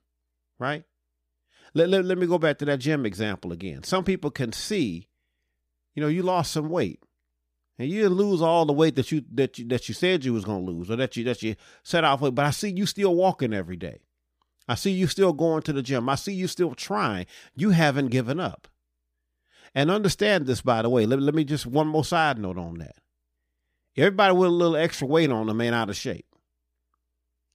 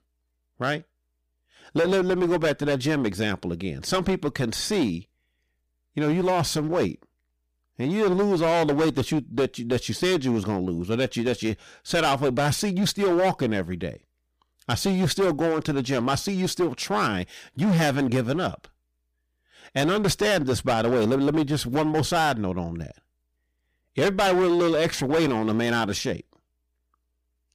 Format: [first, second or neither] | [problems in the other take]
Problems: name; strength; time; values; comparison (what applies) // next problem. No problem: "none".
first | distortion; heavy; 13% of the sound clipped